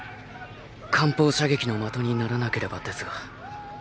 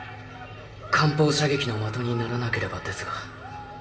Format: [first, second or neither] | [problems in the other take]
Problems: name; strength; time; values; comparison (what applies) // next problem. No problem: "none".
first | room echo; dies away in 0.6 s